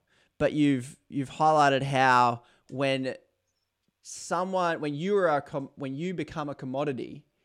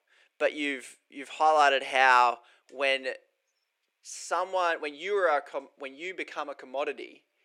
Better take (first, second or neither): first